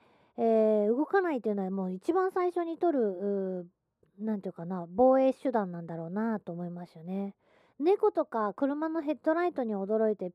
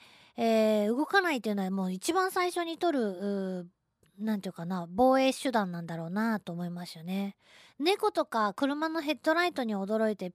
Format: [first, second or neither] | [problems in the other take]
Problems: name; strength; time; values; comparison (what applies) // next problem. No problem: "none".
second | muffled; very; fading above 2 kHz